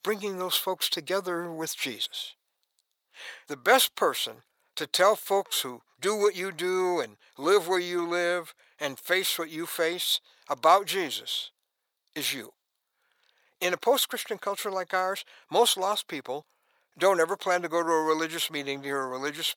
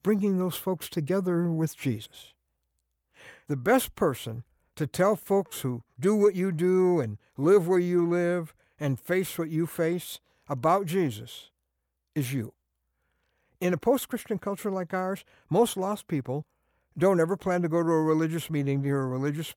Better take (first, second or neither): second